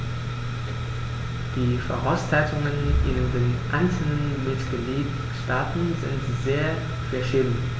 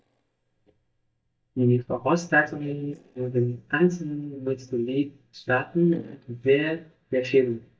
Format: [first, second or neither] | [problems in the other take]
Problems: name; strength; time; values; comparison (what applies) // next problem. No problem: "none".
first | noise reduction (neural mask model DeepFilterNet 3)